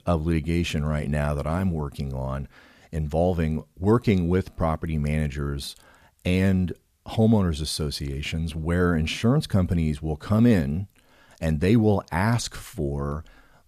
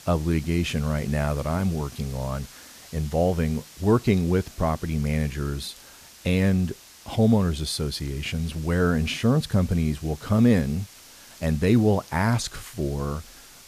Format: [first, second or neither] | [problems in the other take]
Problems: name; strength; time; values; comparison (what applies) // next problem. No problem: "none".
first | hiss; faint; throughout; 20 dB below the speech